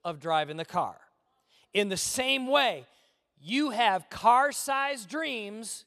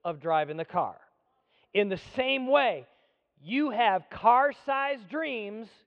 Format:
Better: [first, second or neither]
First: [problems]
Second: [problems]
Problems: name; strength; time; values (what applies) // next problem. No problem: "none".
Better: first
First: none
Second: muffled; very; fading above 3 kHz